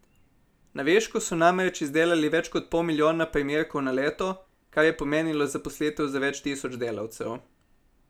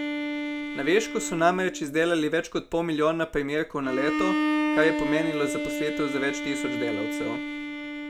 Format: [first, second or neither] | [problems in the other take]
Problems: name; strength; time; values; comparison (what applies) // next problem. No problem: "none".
first | background sound (Bowed string instrument); 3 dB below the speech